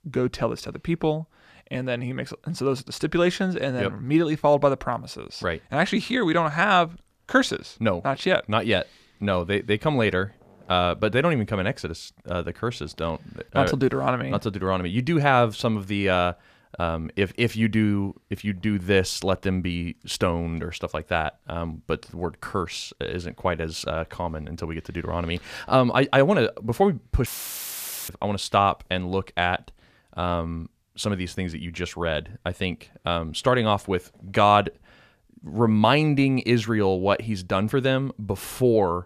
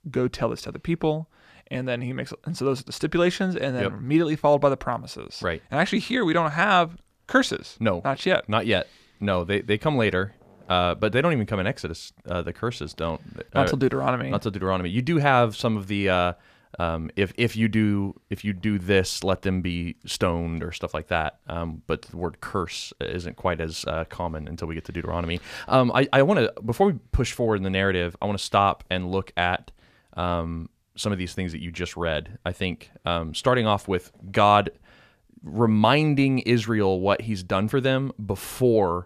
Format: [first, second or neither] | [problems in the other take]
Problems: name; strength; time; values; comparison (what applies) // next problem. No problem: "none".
second | audio cutting out; filled with static; at 27 s for 1 s